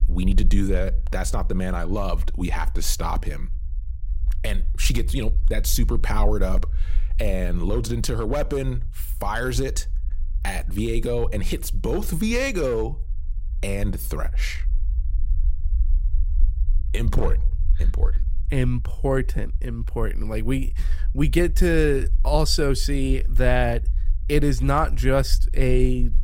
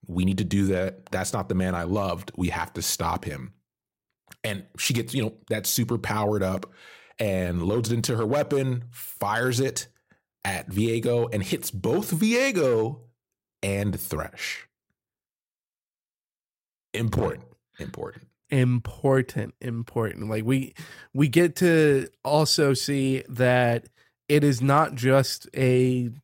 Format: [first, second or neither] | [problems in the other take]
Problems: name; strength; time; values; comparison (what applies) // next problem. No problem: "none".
second | low rumble; faint; throughout; 25 dB below the speech